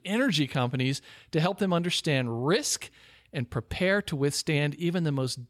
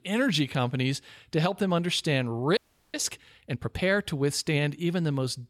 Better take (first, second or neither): first